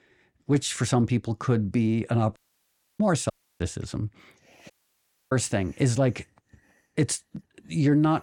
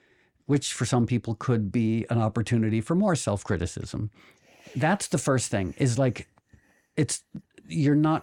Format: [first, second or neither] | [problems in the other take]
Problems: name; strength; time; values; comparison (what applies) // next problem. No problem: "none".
second | audio cutting out; at 2.5 s for 0.5 s, at 3.5 s and at 4.5 s for 0.5 s